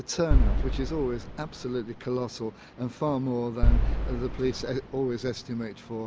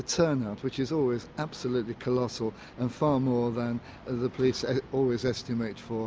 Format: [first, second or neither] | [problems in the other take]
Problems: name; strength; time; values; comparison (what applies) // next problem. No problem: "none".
second | background sound (Boom); 4 dB above the speech